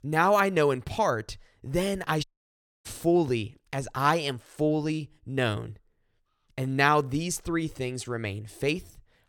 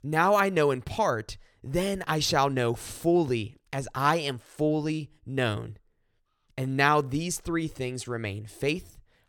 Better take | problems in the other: second | audio cutting out; at 2 s for 0.5 s

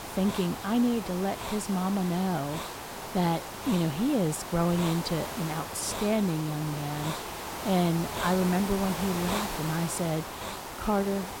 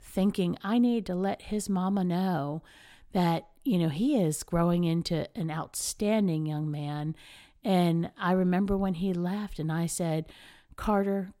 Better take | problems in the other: second | hiss; loud; throughout; 6 dB below the speech

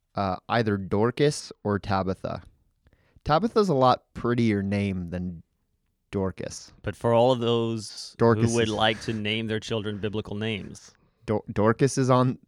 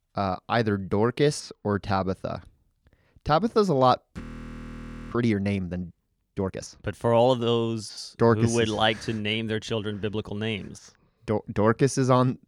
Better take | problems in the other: first | audio freezing; at 4 s for 1 s

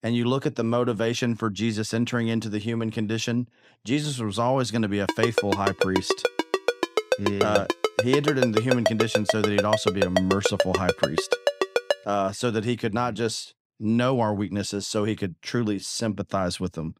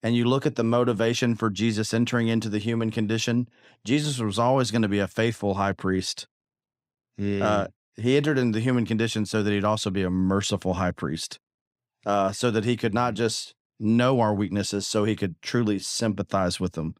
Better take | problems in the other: second | phone ringing; loud; from 5 to 12 s; peak 2 dB above the speech

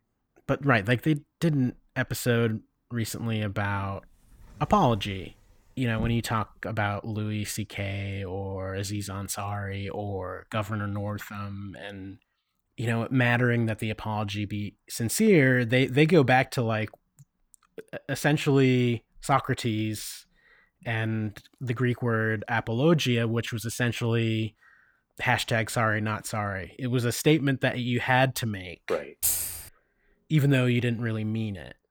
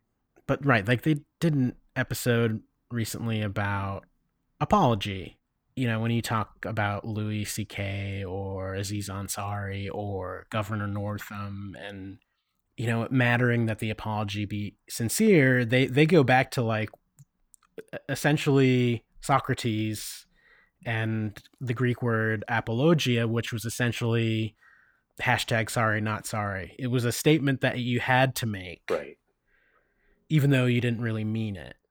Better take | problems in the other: second | door banging; faint; from 4.5 to 6 s; peak 10 dB below the speech // jangling keys; loud; at 29 s; peak 2 dB above the speech

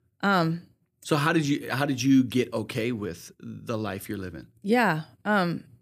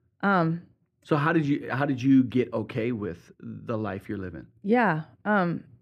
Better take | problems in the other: first | muffled; slightly; fading above 3.5 kHz

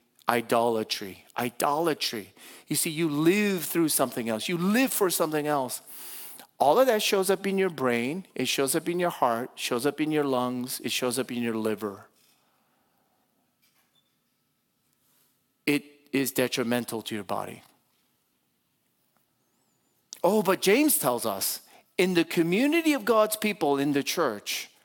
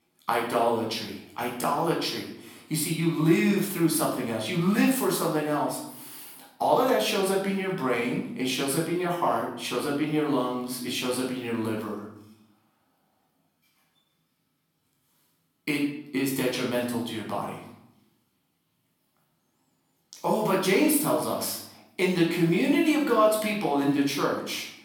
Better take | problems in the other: first | off-mic speech; far // room echo; noticeable; dies away in 0.7 s

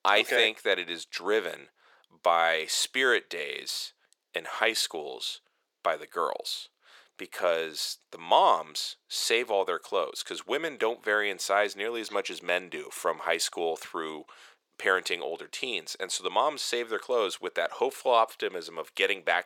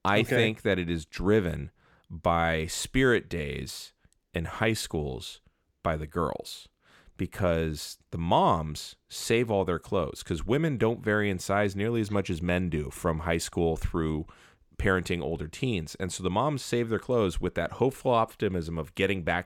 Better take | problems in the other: second | thin; very; fading below 500 Hz

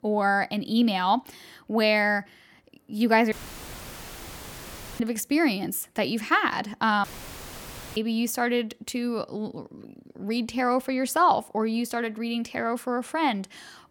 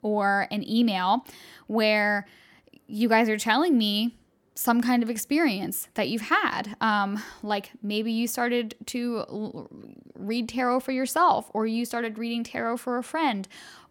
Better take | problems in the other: second | audio cutting out; filled with static; at 3.5 s for 1.5 s and at 7 s for 1 s

